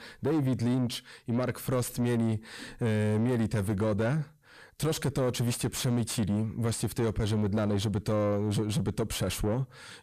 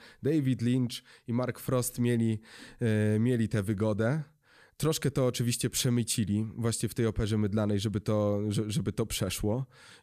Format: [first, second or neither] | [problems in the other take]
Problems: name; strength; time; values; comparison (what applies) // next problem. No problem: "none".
second | distortion; slight; 10 dB below the speech